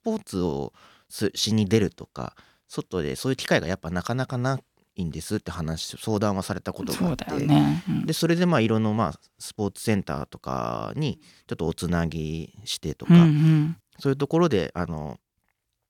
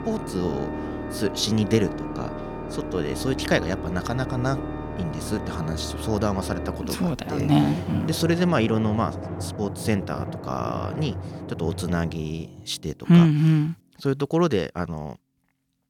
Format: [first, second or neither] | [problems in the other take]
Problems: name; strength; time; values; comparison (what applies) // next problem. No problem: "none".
first | background music; loud; throughout; 8 dB below the speech